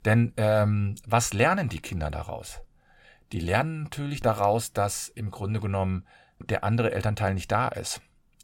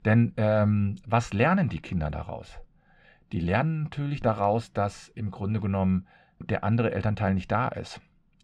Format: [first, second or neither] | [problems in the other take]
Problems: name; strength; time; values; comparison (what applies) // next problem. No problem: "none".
first | muffled; slightly; fading above 3.5 kHz